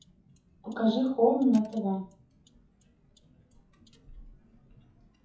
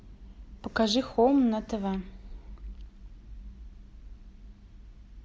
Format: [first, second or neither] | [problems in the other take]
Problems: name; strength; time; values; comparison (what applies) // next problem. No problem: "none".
second | noise reduction (classical method WPE with log-MMSE)